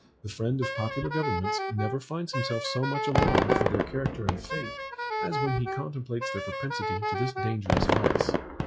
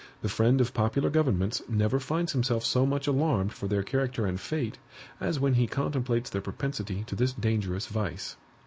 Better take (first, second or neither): second